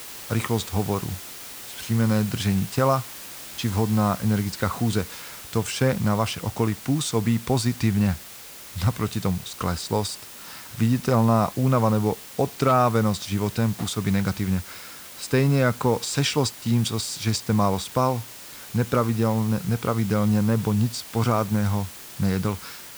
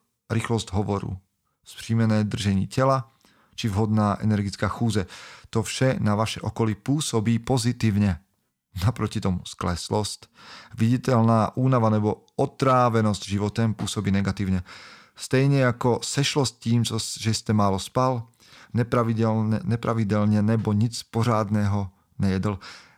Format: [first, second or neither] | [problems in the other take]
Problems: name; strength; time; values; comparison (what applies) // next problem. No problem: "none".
second | hiss; noticeable; throughout; 15 dB below the speech